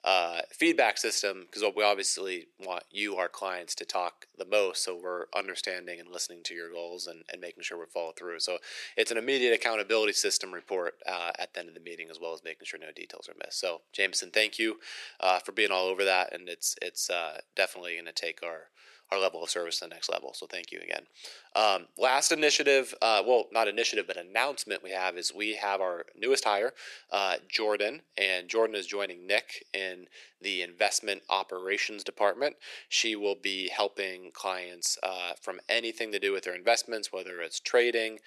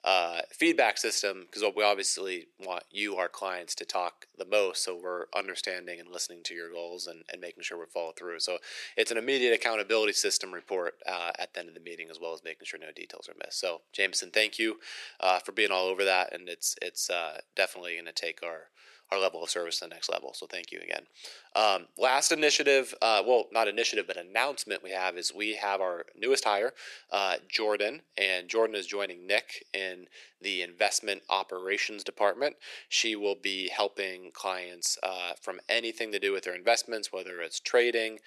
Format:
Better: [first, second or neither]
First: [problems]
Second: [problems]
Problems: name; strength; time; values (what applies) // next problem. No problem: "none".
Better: neither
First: thin; very; fading below 350 Hz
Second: thin; very; fading below 350 Hz